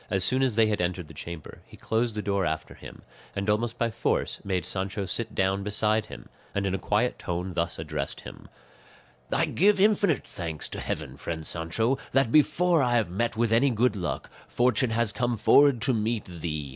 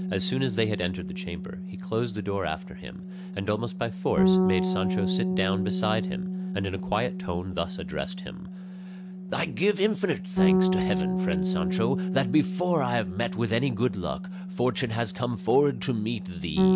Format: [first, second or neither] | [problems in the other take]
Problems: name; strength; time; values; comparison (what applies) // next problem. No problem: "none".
first | background sound (Bass guitar); as loud as the speech